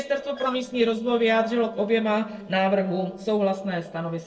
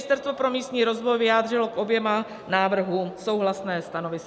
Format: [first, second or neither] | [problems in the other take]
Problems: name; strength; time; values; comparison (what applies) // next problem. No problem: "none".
second | noise reduction (neural separator model SepFormer DNS4)